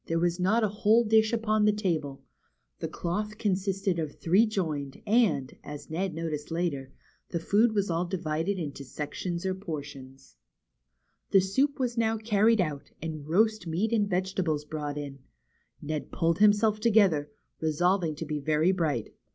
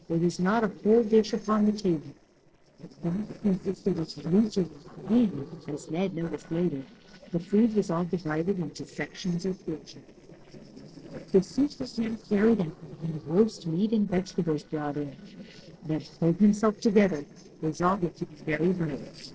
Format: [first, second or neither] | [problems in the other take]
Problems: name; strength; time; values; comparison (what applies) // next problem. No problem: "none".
first | noise reduction (neural separator model SepFormer DNS4)